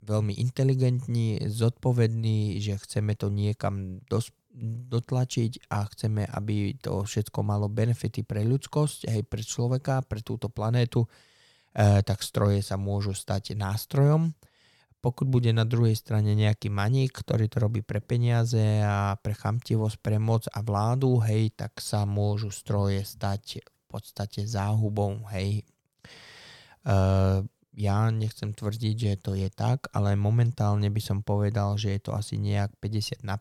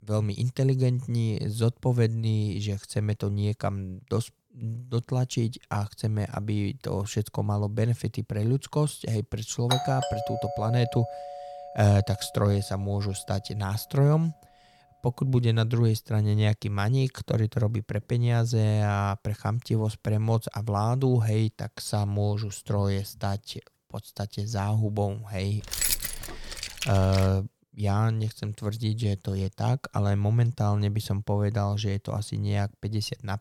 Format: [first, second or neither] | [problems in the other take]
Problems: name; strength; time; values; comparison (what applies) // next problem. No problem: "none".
first | doorbell; noticeable; from 9.5 to 12 s; peak 2 dB below the speech // jangling keys; loud; from 26 to 27 s; peak 3 dB above the speech